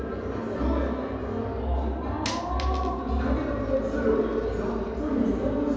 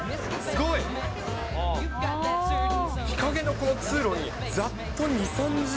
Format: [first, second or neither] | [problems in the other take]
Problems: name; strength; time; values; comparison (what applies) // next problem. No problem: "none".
second | background sound (Coin (dropping)); 19 dB below the speech // room echo; dies away in 2.2 s